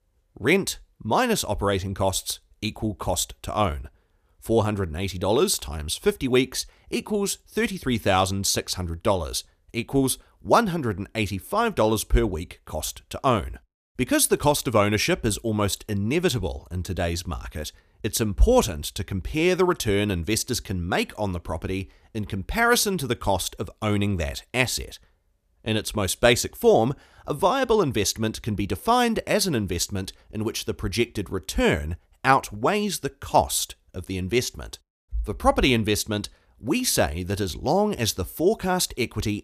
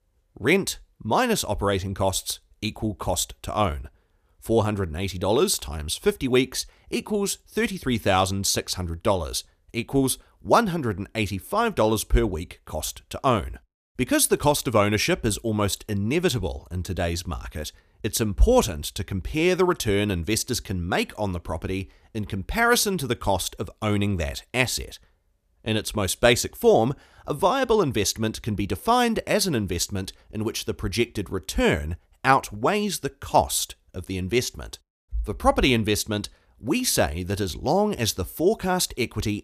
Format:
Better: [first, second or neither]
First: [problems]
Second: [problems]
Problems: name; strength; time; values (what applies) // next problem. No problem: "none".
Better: neither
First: none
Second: none